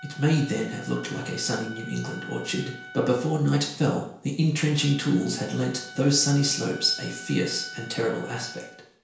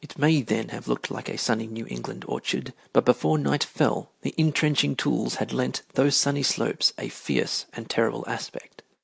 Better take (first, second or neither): second